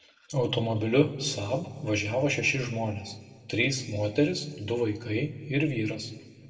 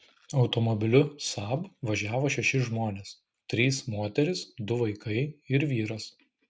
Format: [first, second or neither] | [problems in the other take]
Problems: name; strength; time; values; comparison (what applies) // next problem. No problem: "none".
second | room echo; dies away in 1.3 s